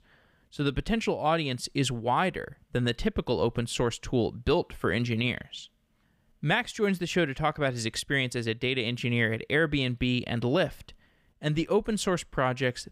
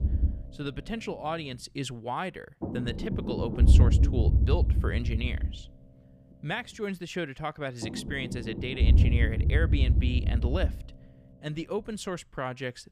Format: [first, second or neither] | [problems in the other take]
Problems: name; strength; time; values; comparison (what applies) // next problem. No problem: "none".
first | low rumble; loud; throughout; 6 dB below the speech